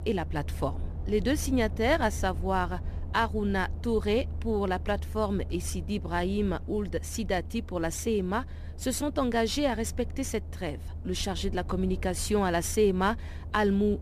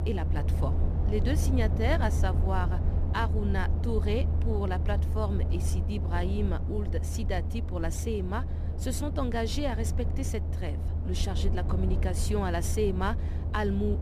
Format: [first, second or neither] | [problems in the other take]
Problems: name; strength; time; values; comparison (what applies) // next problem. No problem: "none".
first | low rumble; loud; throughout; 9 dB below the speech; faint in the first